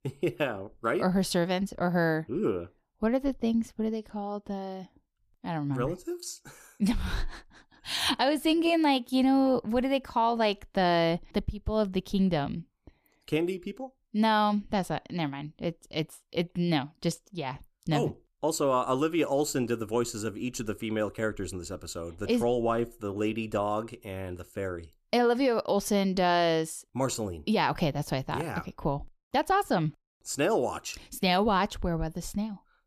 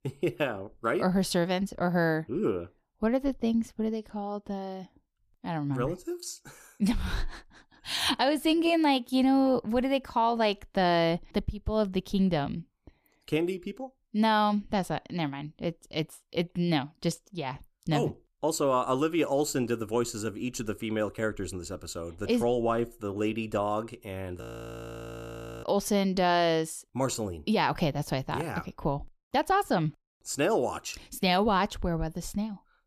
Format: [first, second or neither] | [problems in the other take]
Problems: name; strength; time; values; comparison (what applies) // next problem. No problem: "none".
first | audio freezing; at 24 s for 1 s